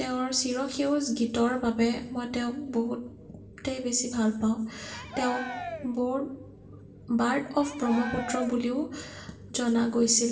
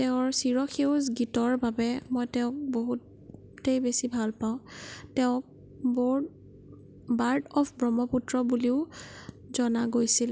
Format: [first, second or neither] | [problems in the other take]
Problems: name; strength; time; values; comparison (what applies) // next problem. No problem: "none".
second | background sound (Cheering); 12 dB below the speech // room echo; dies away in 0.8 s